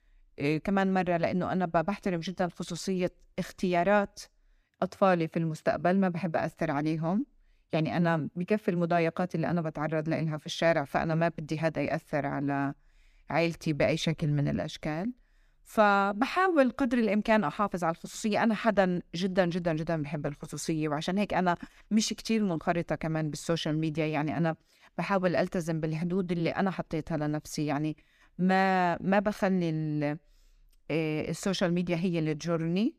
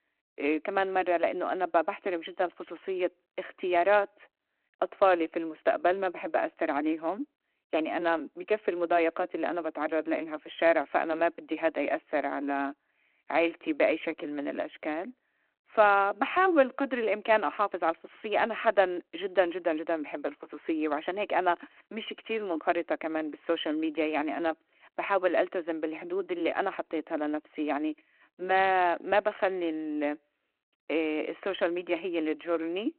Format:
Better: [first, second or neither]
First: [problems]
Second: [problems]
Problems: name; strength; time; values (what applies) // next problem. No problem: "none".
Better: first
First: none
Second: phone-call audio